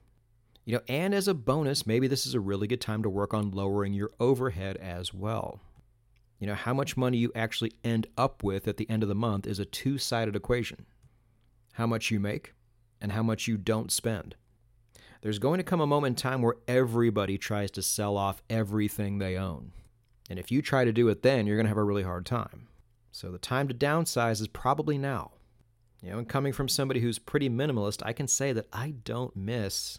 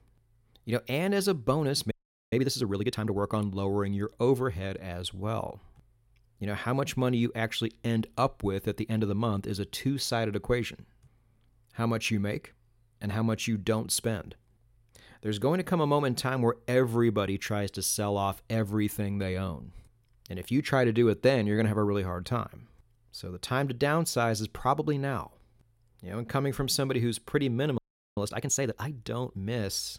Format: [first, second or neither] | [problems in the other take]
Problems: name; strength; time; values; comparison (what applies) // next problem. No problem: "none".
first | audio freezing; at 2 s and at 28 s